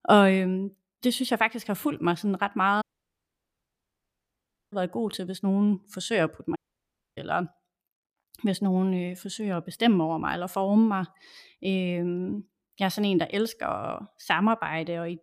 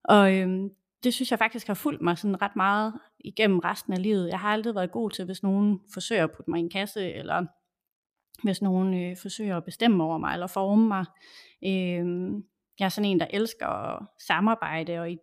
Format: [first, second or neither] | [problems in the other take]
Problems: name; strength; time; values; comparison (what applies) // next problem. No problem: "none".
second | audio cutting out; at 3 s for 2 s and at 6.5 s for 0.5 s